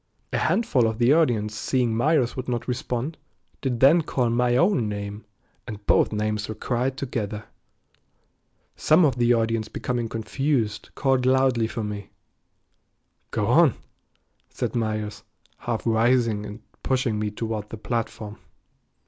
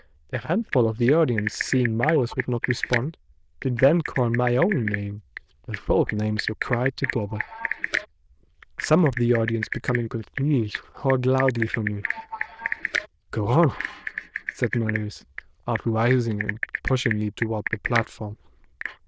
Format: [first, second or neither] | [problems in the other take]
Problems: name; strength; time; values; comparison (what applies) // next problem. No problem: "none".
first | noise reduction (neural diffusion model UNIVERSE++)